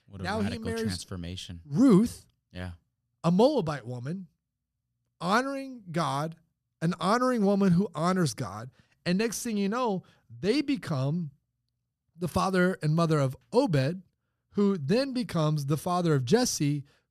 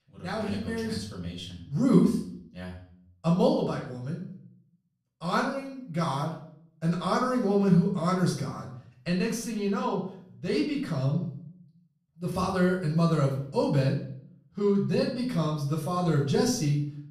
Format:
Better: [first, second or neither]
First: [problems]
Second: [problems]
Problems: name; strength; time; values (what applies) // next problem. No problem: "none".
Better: first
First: none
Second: off-mic speech; far // room echo; noticeable; dies away in 0.5 s